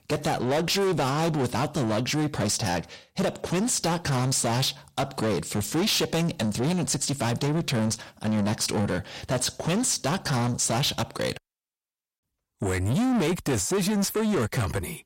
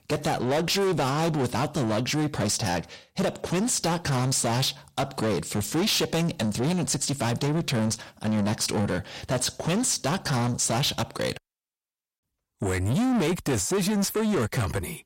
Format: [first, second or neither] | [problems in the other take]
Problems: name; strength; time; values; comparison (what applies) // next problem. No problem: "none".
neither | distortion; heavy; 7 dB below the speech; the same in both